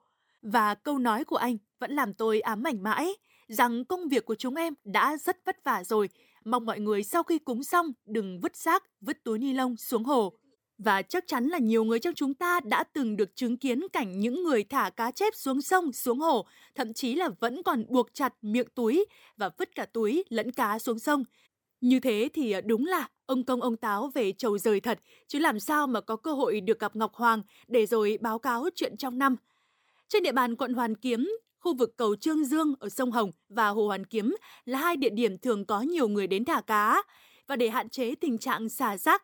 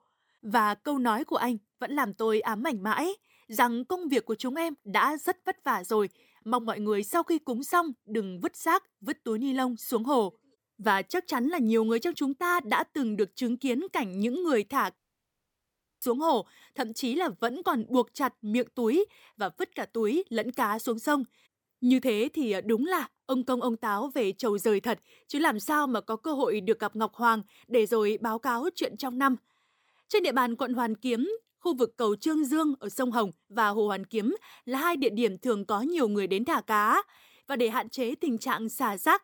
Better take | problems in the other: first | audio cutting out; at 15 s for 1 s

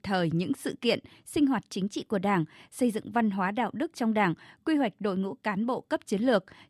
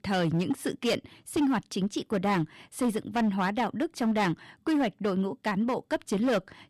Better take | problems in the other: first | distortion; slight; 10% of the sound clipped

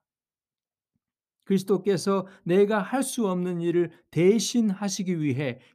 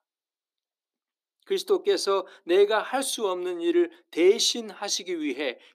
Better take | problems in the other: first | thin; very; fading below 300 Hz

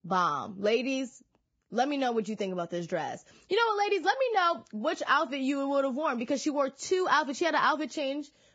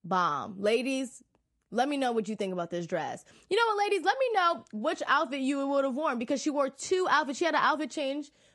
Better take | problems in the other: second | garbled, watery; badly; nothing above 7.5 kHz; slightly in the second

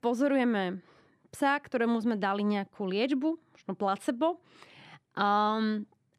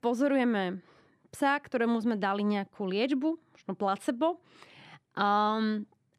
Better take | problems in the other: neither | none

